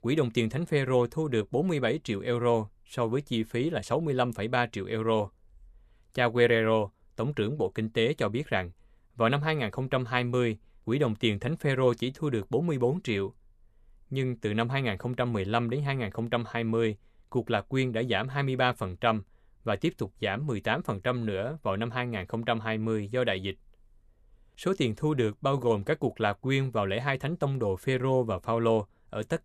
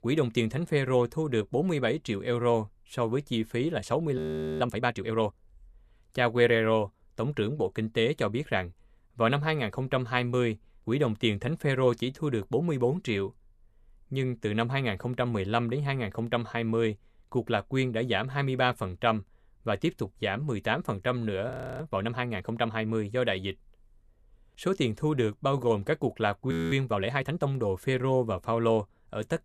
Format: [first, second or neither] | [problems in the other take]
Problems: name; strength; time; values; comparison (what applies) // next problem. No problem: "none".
first | audio freezing; at 4 s, at 22 s and at 27 s